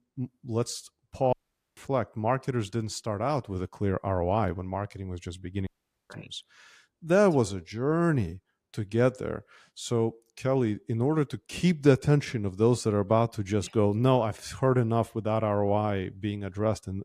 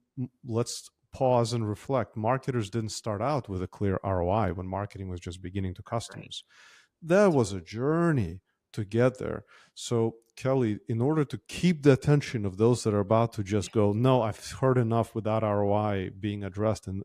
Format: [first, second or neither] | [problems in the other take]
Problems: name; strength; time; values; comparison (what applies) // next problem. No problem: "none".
second | audio cutting out; at 1.5 s and at 5.5 s